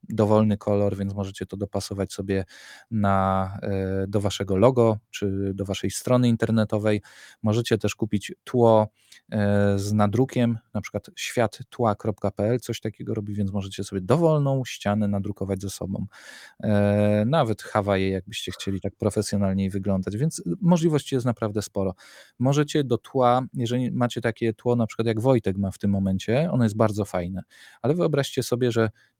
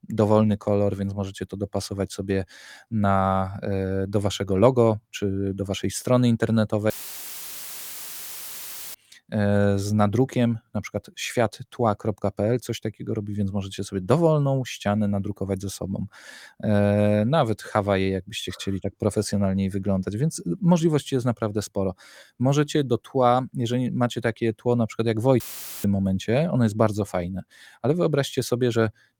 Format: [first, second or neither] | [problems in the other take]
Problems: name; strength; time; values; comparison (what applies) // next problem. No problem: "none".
first | audio cutting out; filled with static; at 7 s for 2 s and at 25 s